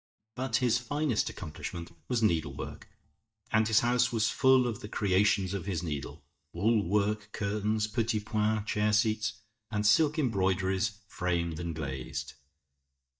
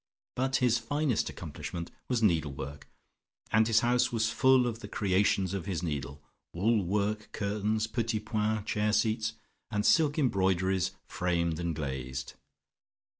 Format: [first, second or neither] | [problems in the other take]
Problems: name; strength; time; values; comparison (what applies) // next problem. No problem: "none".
second | noise reduction (neural mask model DeepFilterNet 3)